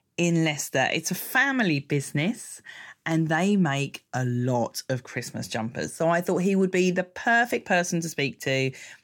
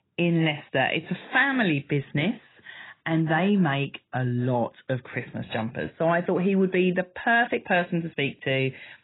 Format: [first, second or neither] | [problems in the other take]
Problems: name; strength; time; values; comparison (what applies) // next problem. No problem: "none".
first | garbled, watery; badly; nothing above 4 kHz